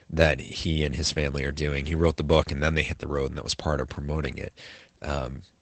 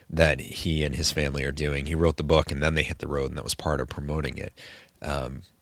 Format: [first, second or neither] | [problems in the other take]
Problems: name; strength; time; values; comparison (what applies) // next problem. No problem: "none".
second | garbled, watery; badly; nothing above 8 kHz; slightly in the second